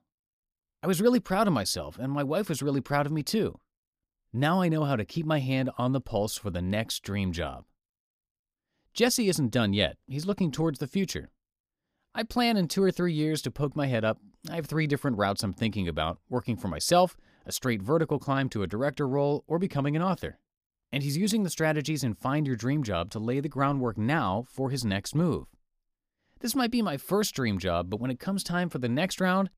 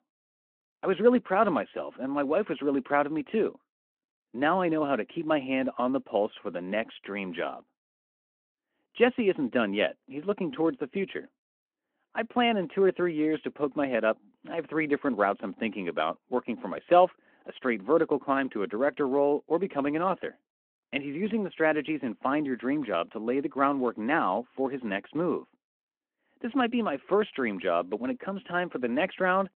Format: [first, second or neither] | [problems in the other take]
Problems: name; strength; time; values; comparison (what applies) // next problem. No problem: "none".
first | phone-call audio